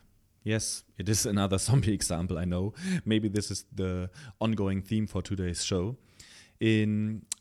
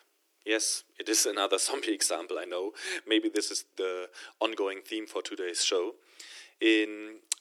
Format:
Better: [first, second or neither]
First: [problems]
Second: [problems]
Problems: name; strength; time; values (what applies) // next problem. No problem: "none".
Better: first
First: none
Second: thin; very; fading below 300 Hz